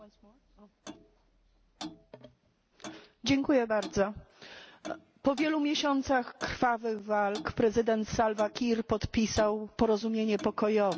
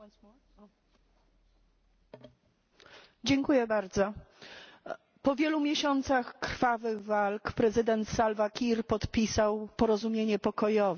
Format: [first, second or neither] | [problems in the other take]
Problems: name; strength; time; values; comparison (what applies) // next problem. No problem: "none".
second | background sound (Clock); 19 dB below the speech